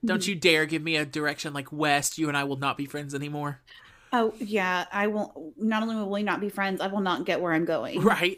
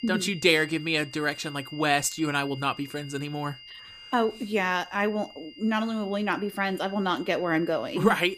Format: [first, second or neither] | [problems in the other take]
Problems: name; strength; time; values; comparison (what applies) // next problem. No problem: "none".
first | high-pitched whine; noticeable; throughout; 3 kHz, 15 dB below the speech